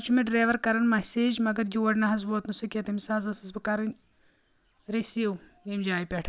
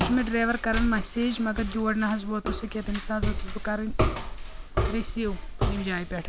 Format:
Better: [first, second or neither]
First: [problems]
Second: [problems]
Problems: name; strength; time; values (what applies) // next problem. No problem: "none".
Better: first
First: none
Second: background sound (Walk, footsteps); 2 dB below the speech